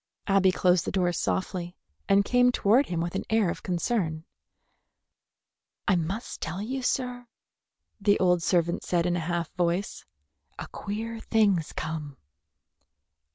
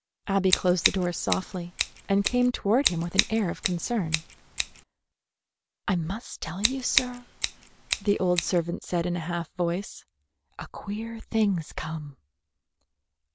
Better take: first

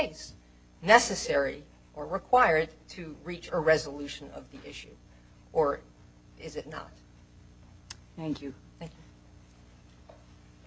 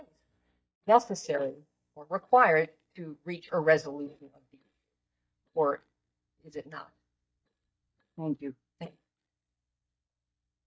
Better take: first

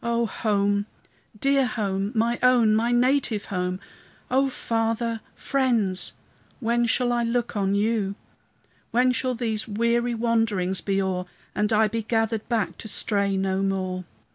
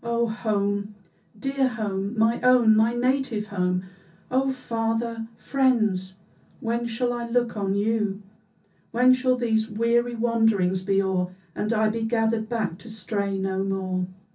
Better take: first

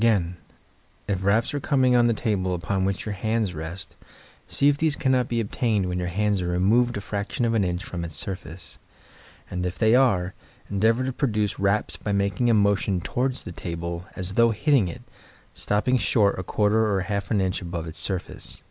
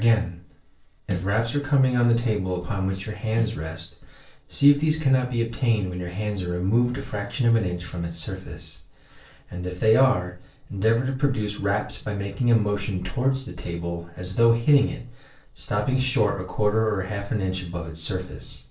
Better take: first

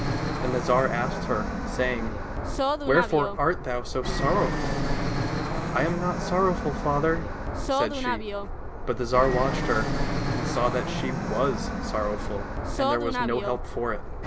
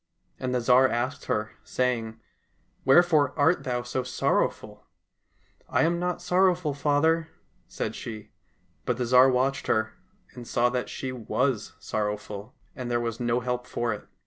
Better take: second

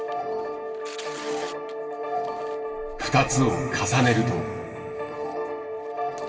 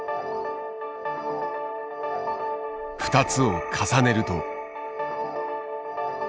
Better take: second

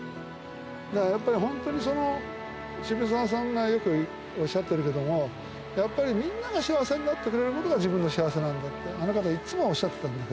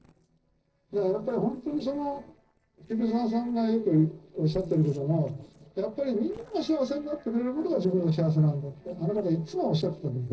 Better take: first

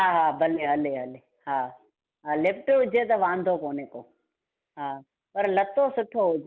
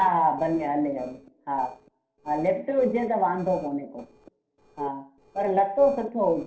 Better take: first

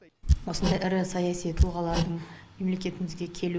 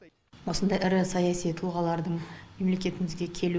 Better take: second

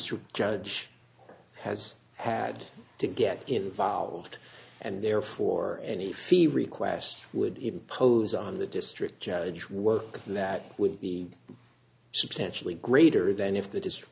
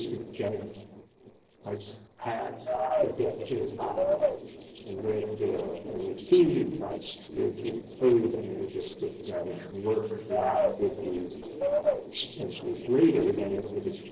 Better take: first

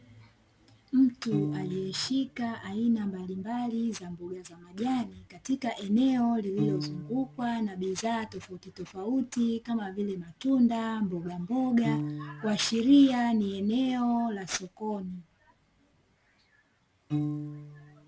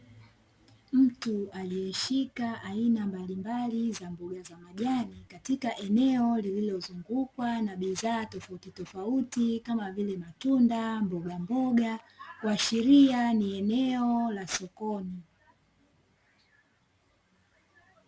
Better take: second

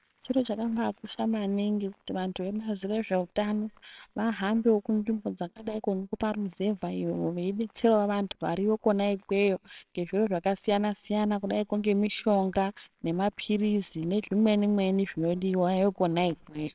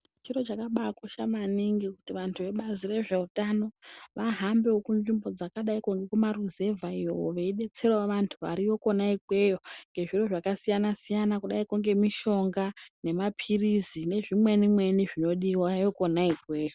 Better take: second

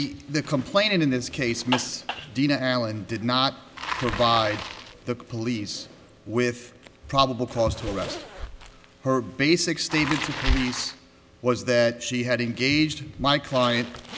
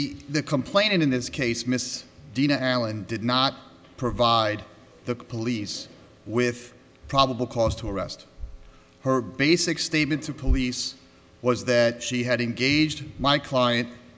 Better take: second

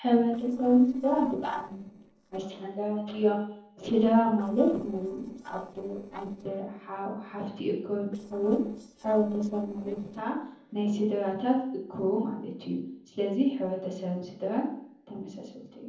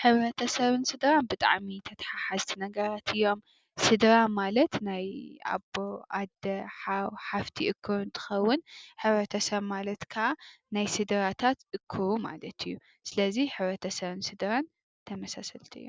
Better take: second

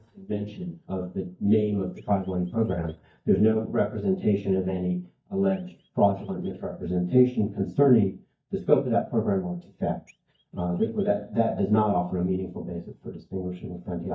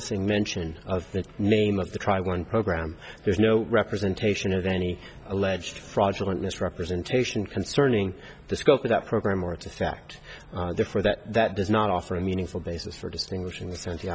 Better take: second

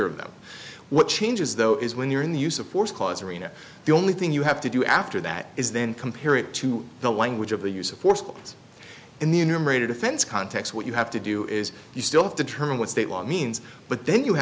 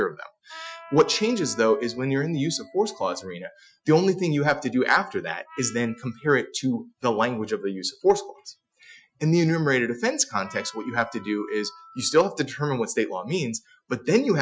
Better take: first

